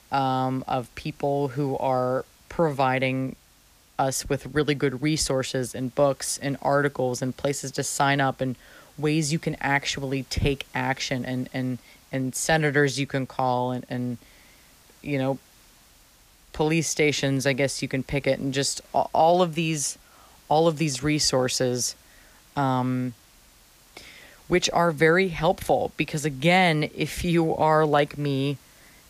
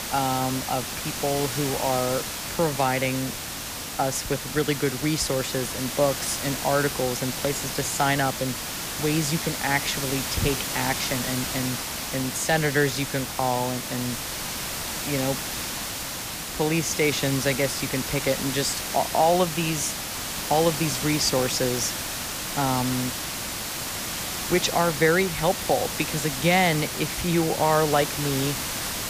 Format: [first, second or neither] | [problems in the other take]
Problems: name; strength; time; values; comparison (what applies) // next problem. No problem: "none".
first | hiss; loud; throughout; 3 dB below the speech; faint in the first